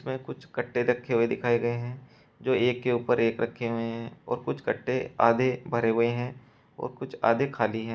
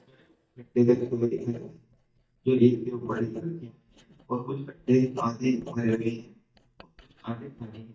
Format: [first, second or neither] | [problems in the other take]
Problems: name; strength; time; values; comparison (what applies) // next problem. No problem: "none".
first | noise reduction (neural mask model DeepFilterNet 3)